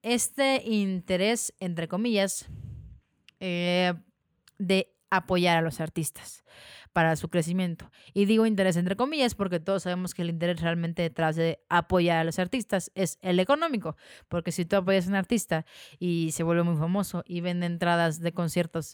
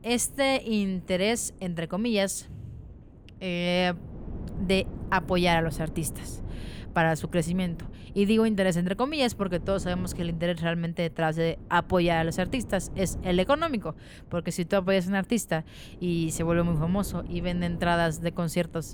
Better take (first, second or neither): first